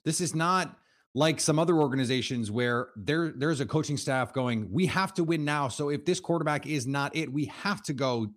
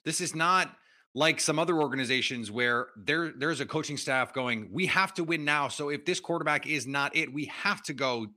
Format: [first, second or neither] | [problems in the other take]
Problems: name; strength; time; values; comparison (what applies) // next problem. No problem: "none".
first | thin; very slightly; fading below 300 Hz